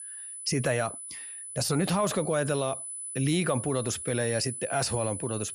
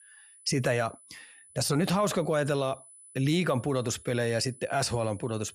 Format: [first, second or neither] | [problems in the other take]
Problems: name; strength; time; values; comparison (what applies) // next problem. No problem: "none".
second | high-pitched whine; loud; throughout; 10 kHz, 7 dB below the speech; faint in the second